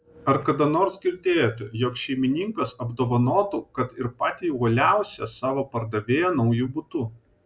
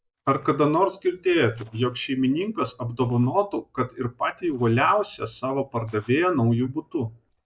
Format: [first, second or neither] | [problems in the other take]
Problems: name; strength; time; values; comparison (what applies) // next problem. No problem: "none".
first | noise reduction (neural mask model DeepFilterNet 3)